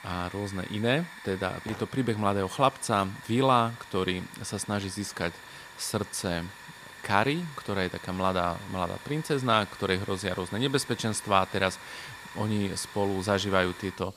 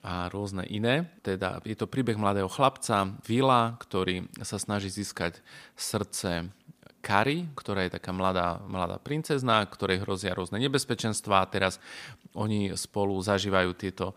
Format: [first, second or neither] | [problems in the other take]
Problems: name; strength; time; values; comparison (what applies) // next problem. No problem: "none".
second | hiss; noticeable; throughout; 15 dB below the speech